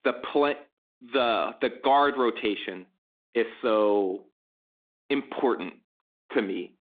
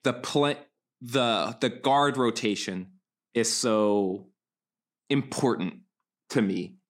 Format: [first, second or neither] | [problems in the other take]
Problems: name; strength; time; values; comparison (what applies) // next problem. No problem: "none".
second | phone-call audio; nothing above 3.5 kHz